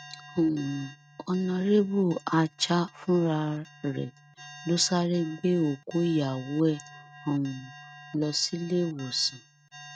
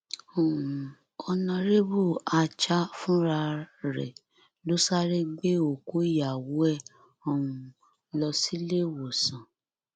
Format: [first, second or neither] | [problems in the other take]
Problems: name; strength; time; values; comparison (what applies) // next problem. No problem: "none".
second | noise reduction (neural mask model RNNoise)